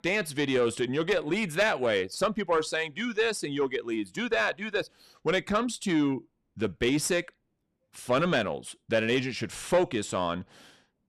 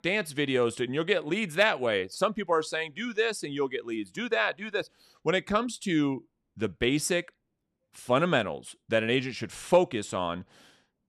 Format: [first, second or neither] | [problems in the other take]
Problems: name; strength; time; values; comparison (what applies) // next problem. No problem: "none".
second | distortion; slight; 10 dB below the speech